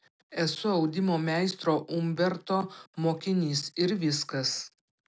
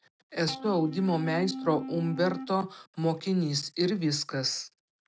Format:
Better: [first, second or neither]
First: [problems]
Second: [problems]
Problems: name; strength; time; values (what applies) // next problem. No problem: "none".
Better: first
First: none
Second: noise reduction (neural mask model RNNoise)